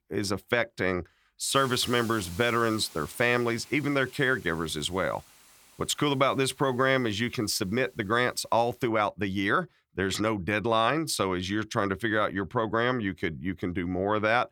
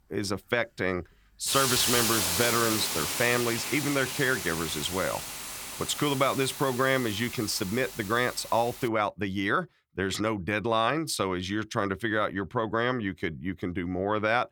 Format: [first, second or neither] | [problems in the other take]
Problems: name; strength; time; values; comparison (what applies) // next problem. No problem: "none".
first | hiss; loud; until 9 s; 2 dB below the speech; faint in the first